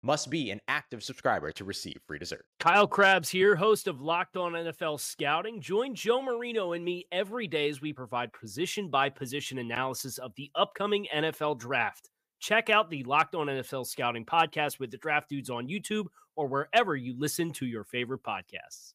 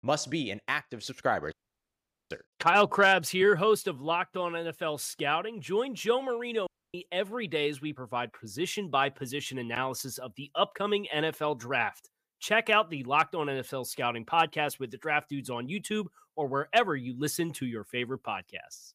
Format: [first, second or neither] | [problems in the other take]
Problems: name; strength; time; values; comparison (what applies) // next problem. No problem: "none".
first | audio cutting out; at 1.5 s for 1 s and at 6.5 s